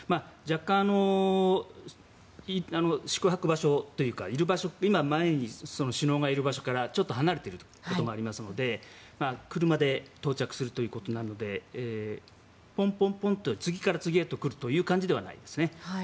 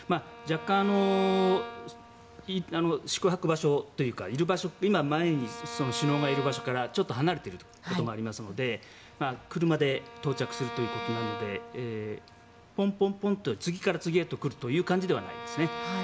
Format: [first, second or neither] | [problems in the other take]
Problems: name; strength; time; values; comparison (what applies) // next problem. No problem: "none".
first | background sound (Bowed string instrument); 12 dB below the speech